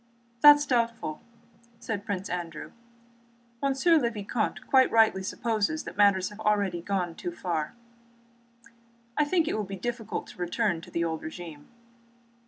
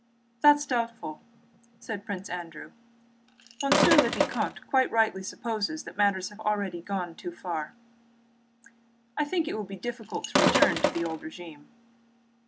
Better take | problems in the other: first | background sound (Sink (filling or washing)); 4 dB above the speech

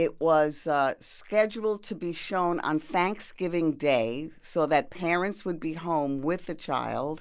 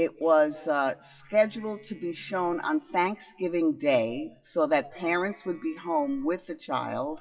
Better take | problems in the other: first | noise reduction (classical method WPE with log-MMSE)

